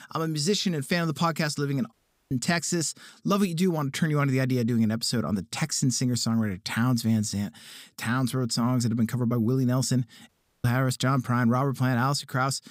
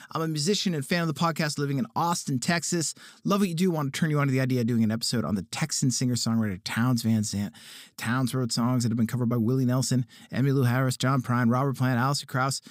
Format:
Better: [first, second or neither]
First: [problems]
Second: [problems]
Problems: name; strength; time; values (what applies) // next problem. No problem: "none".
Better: second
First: audio cutting out; at 2 s and at 10 s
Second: none